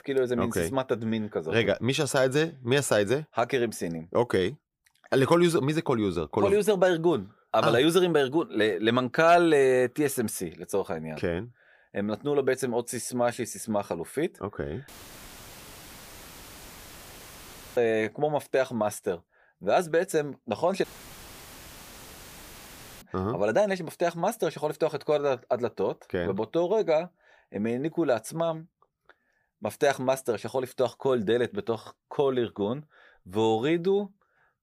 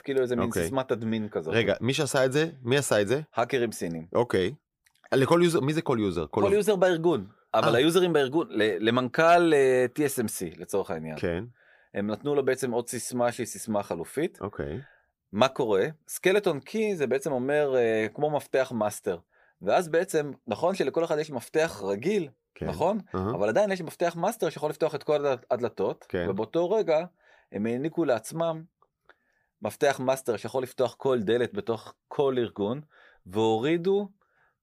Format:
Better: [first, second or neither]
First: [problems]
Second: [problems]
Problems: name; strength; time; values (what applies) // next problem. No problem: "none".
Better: second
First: audio cutting out; filled with static; at 15 s for 3 s and at 21 s for 2 s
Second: none